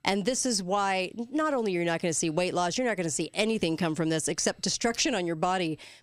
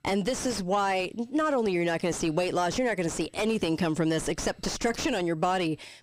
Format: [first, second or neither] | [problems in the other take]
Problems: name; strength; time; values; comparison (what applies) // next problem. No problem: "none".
first | distortion; heavy; 5 dB below the speech